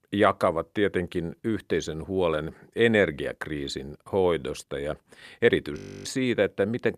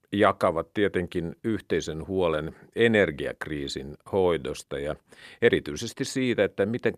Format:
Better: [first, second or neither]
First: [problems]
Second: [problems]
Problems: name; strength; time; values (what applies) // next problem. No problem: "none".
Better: second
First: audio freezing; at 6 s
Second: none